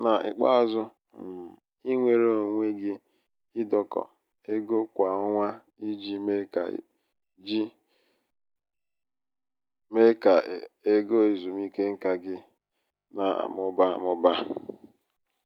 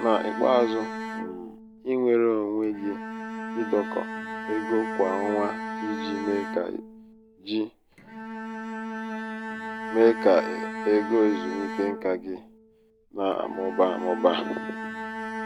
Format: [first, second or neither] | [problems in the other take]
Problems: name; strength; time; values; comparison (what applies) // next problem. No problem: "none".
first | background sound (Bowed string instrument); 7 dB below the speech